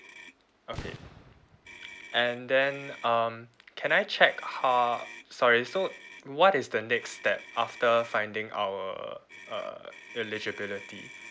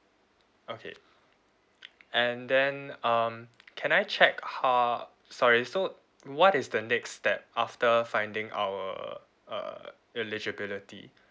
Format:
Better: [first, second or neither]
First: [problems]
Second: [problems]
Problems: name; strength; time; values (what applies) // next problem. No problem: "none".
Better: second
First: background sound (Motor vehicle (road) + Fireworks); 19 dB below the speech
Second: none